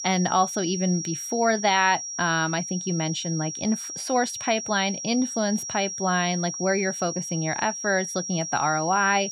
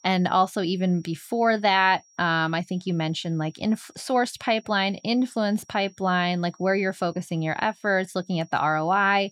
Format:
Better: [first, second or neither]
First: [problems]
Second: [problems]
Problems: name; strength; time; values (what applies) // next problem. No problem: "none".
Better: second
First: high-pitched whine; loud; throughout; 5.5 kHz, 6 dB below the speech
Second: high-pitched whine; faint; throughout; 5.5 kHz, 30 dB below the speech